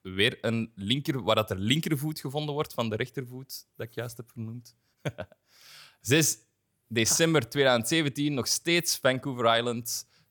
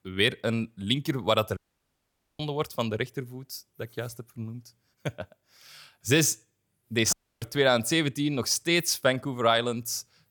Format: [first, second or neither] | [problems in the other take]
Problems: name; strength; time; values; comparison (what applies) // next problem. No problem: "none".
first | audio cutting out; at 1.5 s for 1 s and at 7 s